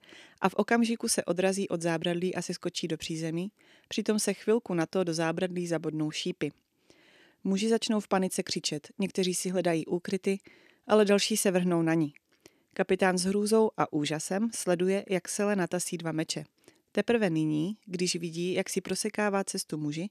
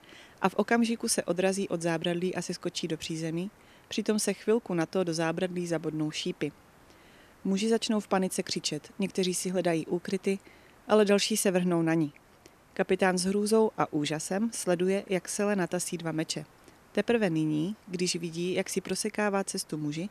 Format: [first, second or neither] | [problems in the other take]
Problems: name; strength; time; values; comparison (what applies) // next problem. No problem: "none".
first | hiss; faint; throughout; 30 dB below the speech